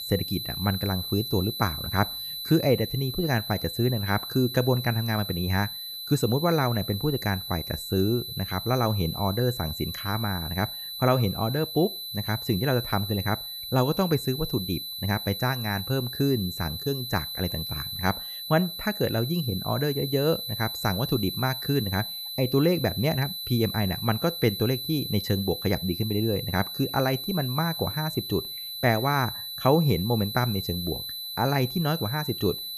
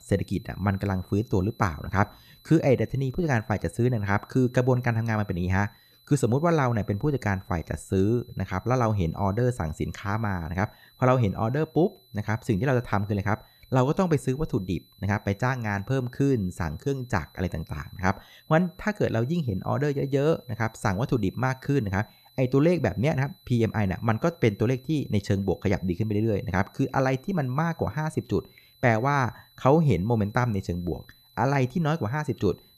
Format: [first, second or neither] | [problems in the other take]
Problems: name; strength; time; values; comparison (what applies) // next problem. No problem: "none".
second | high-pitched whine; loud; throughout; 4 kHz, 5 dB below the speech; faint in the second